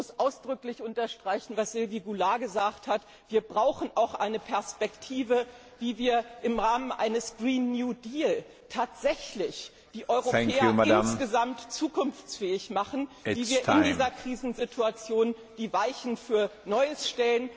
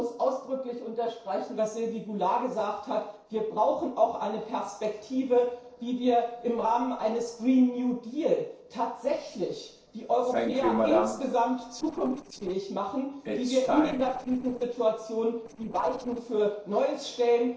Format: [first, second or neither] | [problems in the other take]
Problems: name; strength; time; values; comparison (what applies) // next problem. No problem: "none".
first | noise reduction (neural separator model SepFormer DNS4)